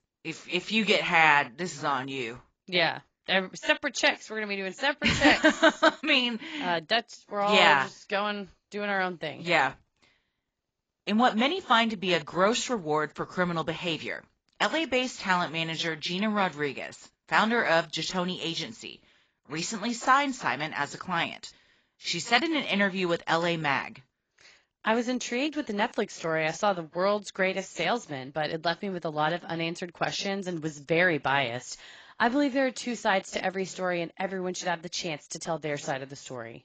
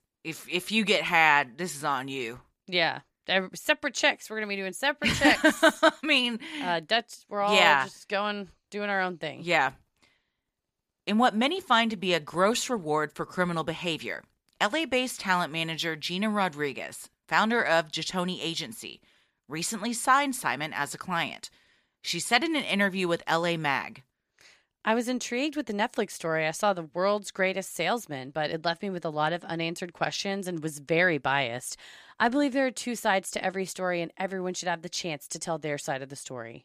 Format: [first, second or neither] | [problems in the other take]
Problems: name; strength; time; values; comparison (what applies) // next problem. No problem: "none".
second | garbled, watery; badly; nothing above 7.5 kHz